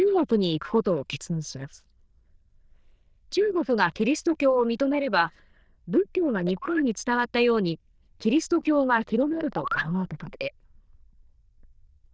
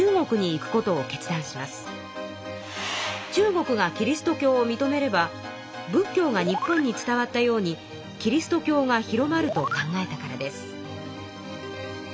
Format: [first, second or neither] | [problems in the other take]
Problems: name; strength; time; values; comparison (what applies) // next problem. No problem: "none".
second | noise reduction (neural diffusion model UNIVERSE++)